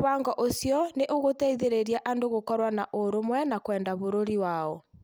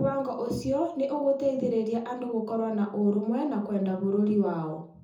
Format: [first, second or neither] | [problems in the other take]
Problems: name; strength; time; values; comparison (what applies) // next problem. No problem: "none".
first | room echo; dies away in 0.6 s